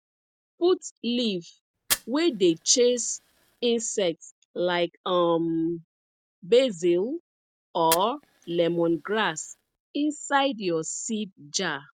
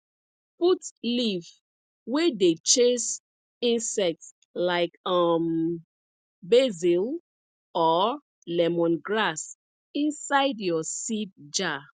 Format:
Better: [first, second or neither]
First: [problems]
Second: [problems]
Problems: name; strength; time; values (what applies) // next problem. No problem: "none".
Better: second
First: noise reduction (neural mask model RNNoise)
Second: none